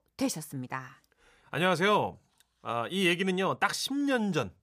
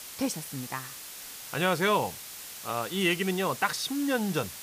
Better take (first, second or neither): first